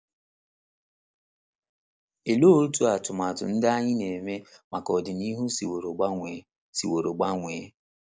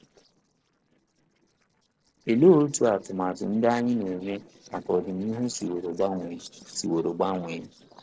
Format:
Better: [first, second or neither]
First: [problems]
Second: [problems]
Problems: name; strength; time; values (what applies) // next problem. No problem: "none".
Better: first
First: none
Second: noise reduction (neural separator model SepFormer DNS4)